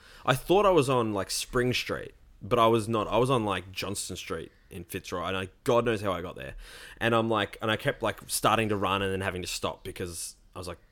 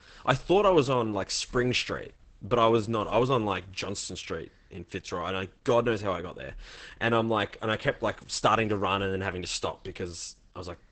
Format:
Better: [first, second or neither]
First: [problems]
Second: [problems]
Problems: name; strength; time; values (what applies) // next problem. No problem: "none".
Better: first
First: none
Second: garbled, watery; badly; nothing above 8 kHz